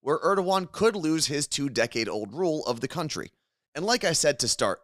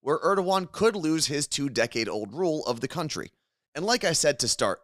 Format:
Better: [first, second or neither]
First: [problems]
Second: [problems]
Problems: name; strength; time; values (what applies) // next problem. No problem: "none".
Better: neither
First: none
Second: none